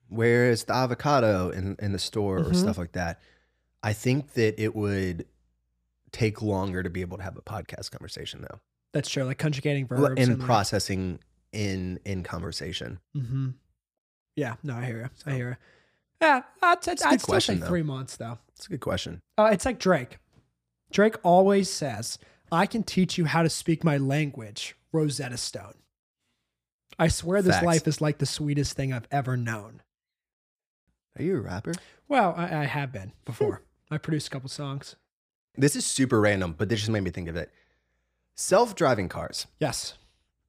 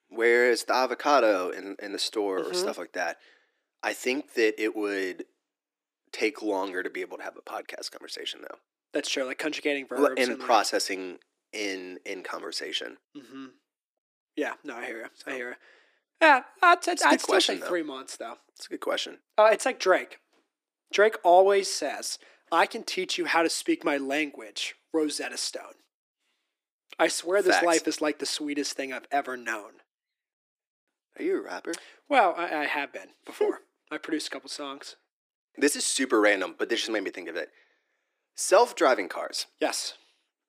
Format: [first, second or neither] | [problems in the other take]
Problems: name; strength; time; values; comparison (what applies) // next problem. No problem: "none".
first | thin; somewhat; fading below 300 Hz